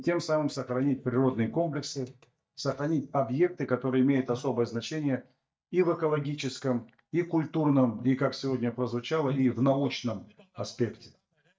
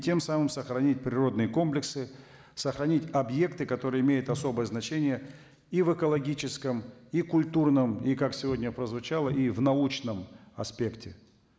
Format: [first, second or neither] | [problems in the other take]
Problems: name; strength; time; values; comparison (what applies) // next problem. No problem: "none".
second | noise reduction (neural mask model DeepFilterNet 3)